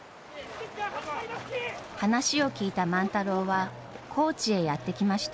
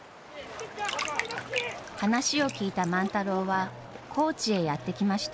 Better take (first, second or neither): first